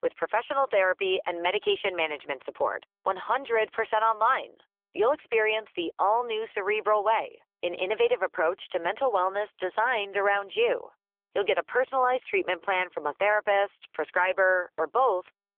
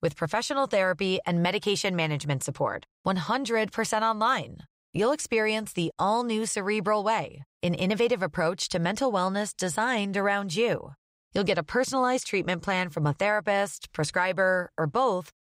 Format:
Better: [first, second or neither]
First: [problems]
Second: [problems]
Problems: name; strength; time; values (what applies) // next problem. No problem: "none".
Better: second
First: phone-call audio; nothing above 3 kHz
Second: none